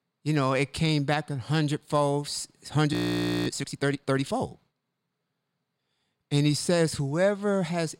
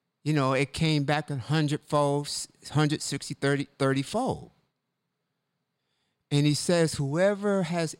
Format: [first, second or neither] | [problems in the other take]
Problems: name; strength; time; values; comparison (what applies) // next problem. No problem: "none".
second | audio freezing; at 3 s for 0.5 s